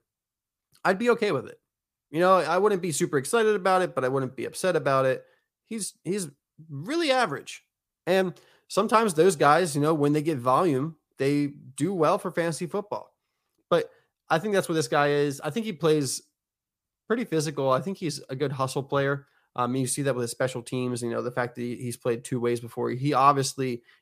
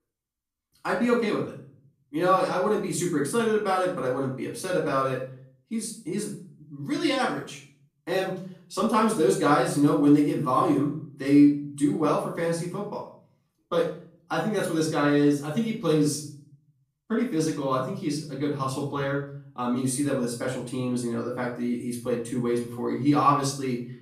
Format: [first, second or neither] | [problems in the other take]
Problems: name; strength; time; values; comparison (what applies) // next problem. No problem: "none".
first | off-mic speech; far // room echo; slight; dies away in 0.5 s